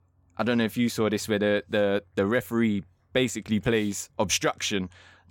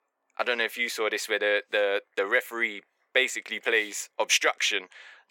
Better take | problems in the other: first | thin; very; fading below 400 Hz

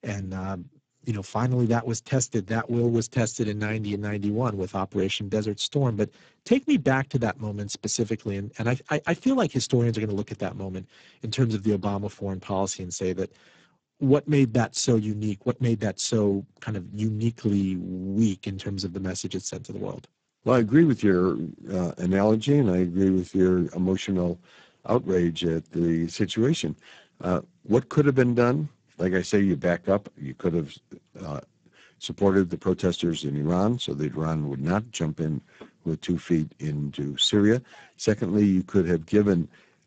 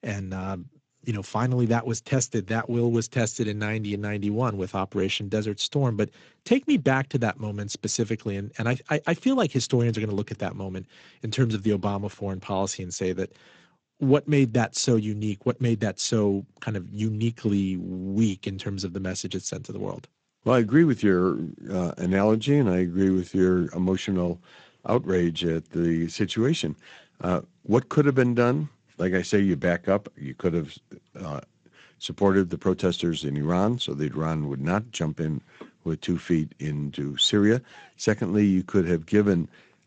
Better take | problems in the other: second | garbled, watery; badly; nothing above 7.5 kHz; slightly in the second

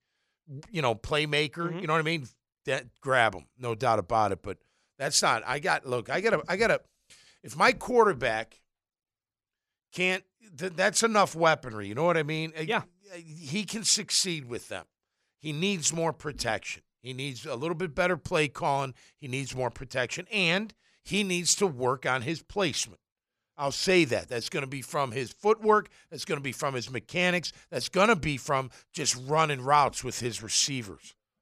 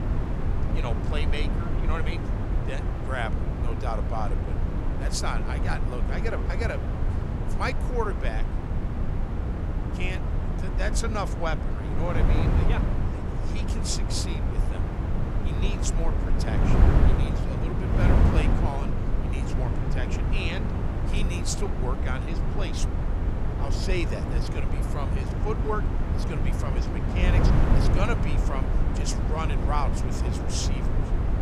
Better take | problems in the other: first | wind noise on the microphone; heavy; 2 dB below the speech

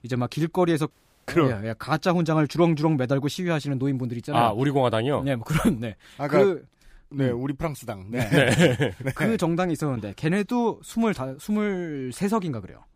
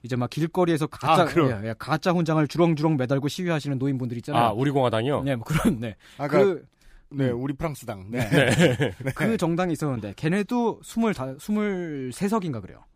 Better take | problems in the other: second | audio cutting out; at 1 s

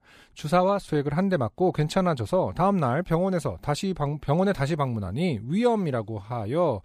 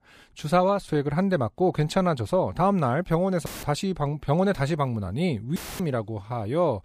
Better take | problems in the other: first | audio cutting out; filled with static; at 3.5 s and at 5.5 s

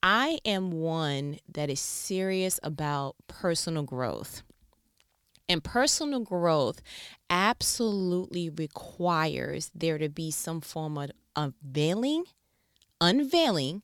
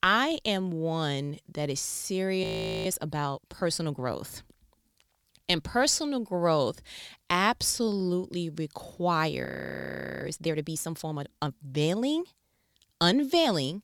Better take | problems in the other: first | audio freezing; at 2.5 s and at 9.5 s for 1 s

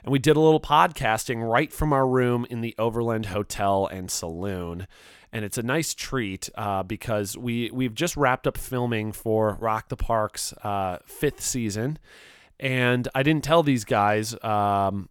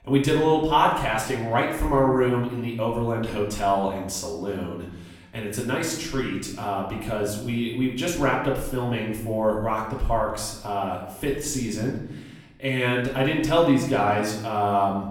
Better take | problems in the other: first | off-mic speech; far // room echo; noticeable; dies away in 0.8 s

